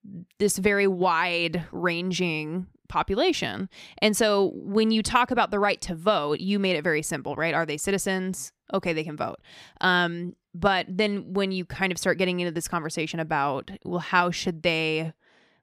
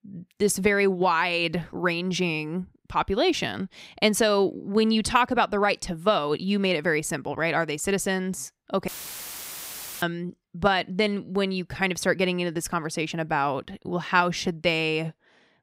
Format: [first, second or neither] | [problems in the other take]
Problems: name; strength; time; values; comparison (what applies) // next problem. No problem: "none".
first | audio cutting out; filled with static; at 9 s for 1 s